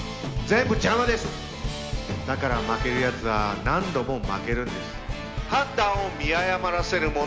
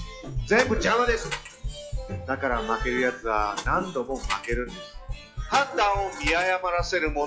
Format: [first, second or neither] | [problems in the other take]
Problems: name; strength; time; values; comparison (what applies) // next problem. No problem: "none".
first | noise reduction (classical method log-MMSE)